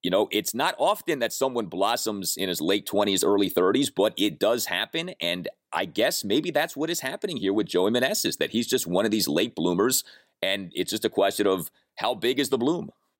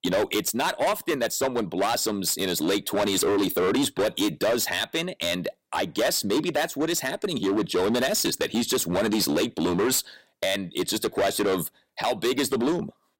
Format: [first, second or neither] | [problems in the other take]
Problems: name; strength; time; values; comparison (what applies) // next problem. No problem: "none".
first | distortion; heavy; 16% of the sound clipped